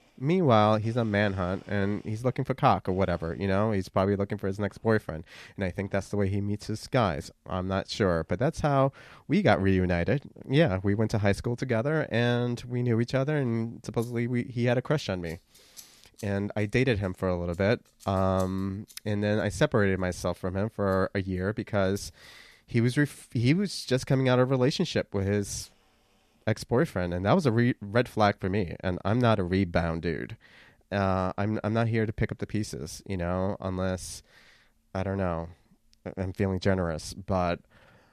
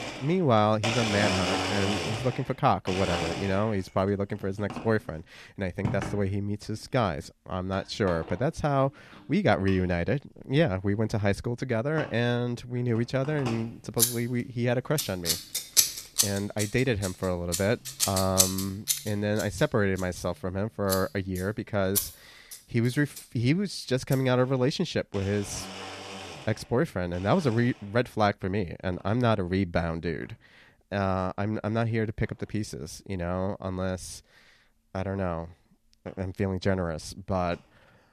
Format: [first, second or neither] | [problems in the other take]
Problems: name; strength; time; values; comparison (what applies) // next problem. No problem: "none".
first | household noises; loud; throughout; 2 dB below the speech; faint in the first